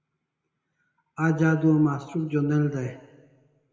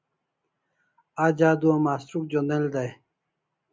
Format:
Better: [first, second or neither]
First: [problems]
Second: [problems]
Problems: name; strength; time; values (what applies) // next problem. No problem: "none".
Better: second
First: room echo; dies away in 1.2 s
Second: none